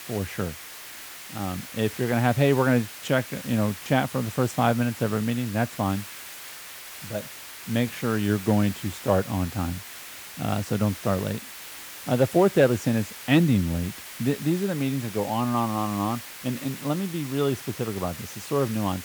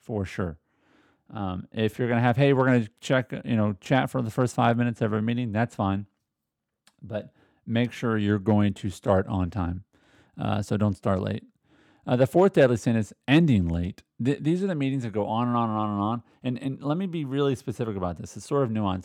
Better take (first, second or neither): second